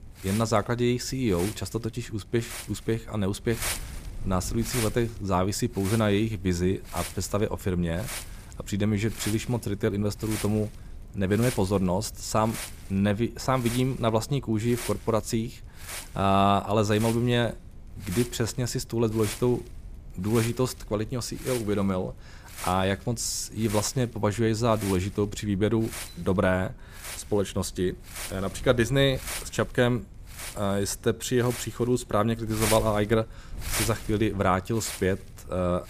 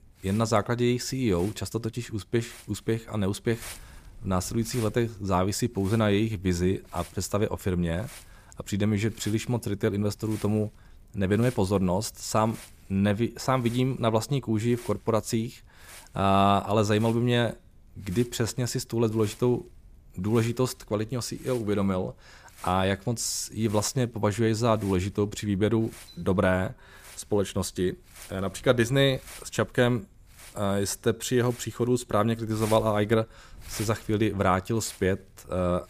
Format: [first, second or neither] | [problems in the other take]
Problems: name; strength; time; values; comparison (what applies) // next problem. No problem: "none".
second | wind noise on the microphone; heavy; 9 dB below the speech; occasional gusts in the second